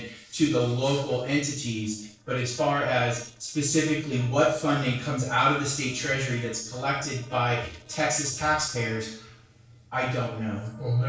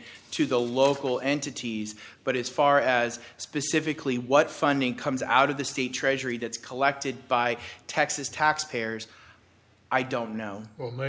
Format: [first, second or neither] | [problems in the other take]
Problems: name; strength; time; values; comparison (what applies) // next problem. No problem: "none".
second | noise reduction (neural separator model SepFormer DNS4)